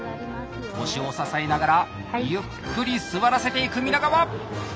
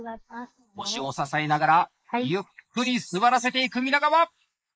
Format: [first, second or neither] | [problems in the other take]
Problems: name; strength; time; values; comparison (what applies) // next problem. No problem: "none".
first | noise reduction (neural mask model Resemble Enhance denoiser)